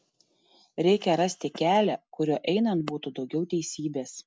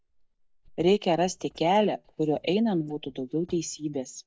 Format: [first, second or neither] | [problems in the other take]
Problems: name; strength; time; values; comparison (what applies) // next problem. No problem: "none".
first | noise reduction (neural mask model DeepFilterNet 3)